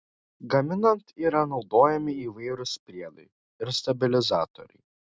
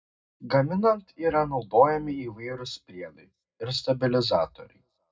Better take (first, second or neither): first